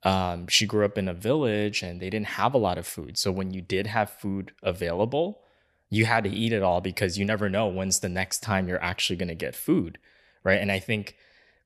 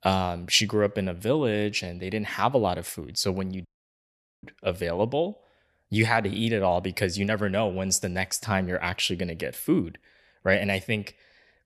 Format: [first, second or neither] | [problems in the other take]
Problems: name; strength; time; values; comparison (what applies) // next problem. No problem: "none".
first | audio cutting out; at 3.5 s for 1 s